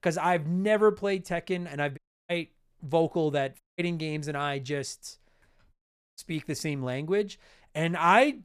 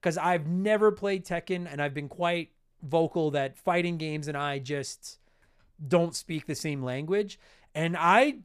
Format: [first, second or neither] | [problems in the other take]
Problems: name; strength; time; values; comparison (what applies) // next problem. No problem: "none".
second | audio cutting out; at 2 s, at 3.5 s and at 5.5 s